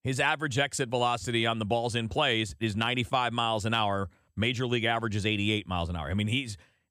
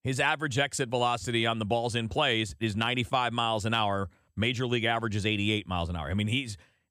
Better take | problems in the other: neither | none

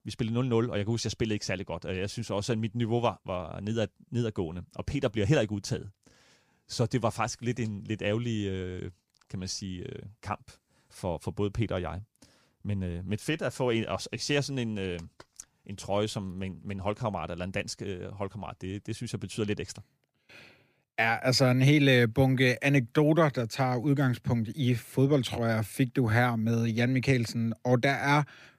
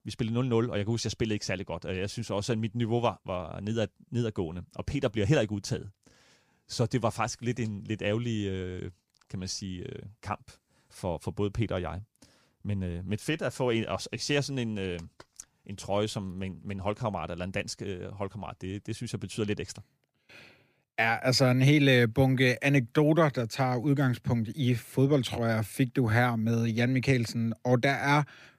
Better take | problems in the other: neither | none

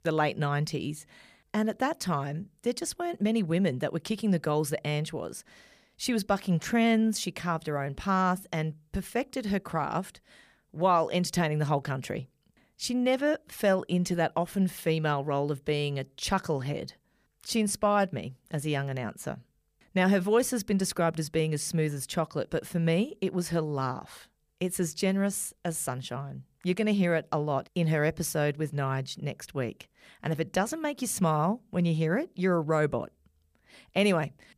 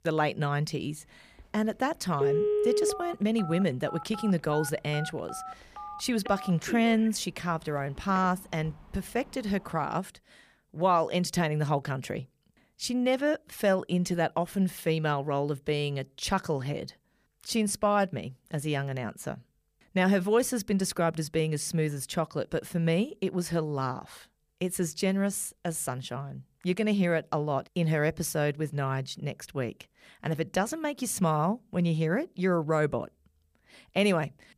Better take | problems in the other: first | phone ringing; loud; from 2 to 8.5 s; peak 3 dB above the speech

